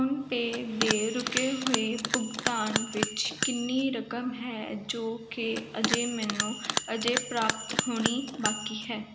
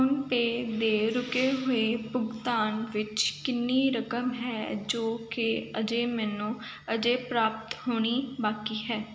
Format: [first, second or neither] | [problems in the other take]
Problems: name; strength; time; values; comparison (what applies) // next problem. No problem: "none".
second | background sound (Bell); 2 dB below the speech